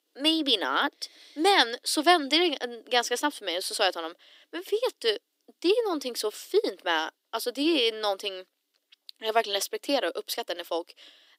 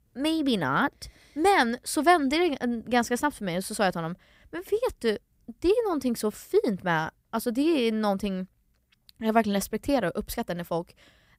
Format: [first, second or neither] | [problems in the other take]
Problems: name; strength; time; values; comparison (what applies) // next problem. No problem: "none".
second | thin; somewhat; fading below 300 Hz